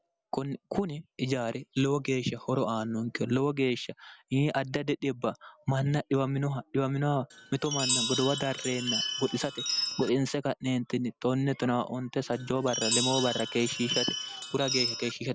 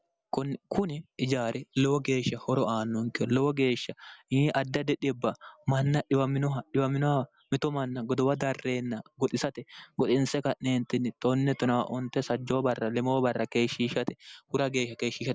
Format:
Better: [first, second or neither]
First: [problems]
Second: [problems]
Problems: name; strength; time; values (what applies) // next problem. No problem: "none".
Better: second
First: background sound (Chime); 3 dB below the speech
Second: none